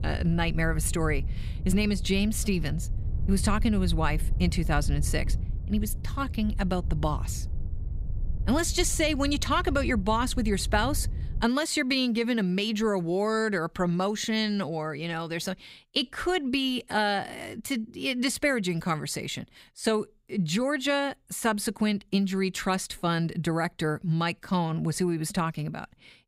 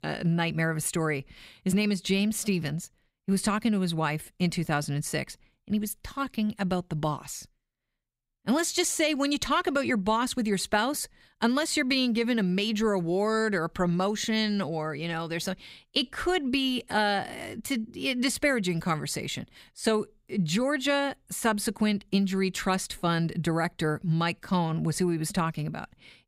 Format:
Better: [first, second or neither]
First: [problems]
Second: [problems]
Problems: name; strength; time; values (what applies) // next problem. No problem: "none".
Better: second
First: wind noise on the microphone; occasional gusts; until 11 s; 20 dB below the speech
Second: none